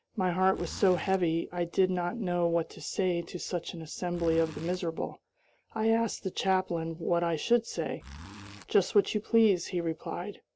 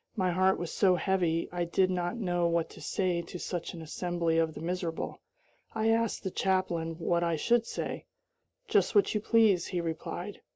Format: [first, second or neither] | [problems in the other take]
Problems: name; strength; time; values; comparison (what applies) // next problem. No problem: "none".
second | background sound (Zipper (clothing)); 15 dB below the speech